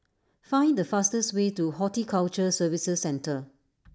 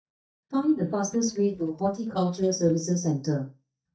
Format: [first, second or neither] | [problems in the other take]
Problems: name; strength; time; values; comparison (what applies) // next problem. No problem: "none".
first | noise reduction (neural mask model DeepFilterNet 3)